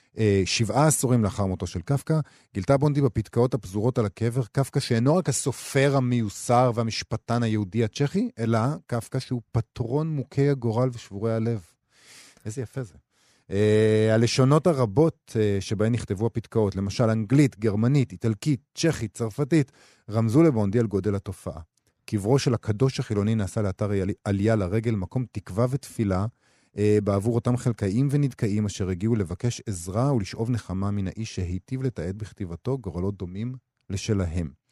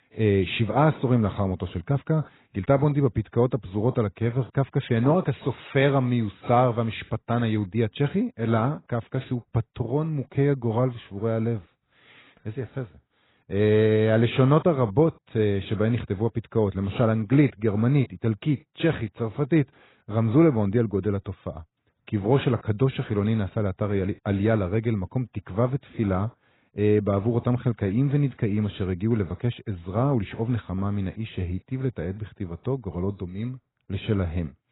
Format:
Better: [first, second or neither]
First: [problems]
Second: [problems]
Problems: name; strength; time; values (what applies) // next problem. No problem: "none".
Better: first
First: none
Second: garbled, watery; badly; nothing above 4 kHz